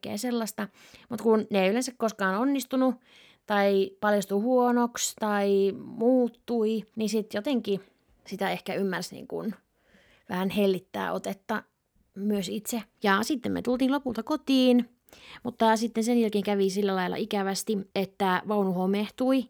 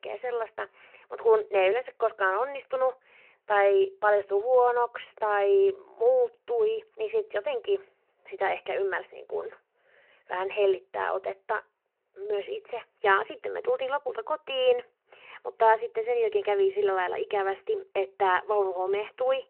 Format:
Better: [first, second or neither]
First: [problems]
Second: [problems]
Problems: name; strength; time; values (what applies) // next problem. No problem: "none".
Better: first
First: none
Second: phone-call audio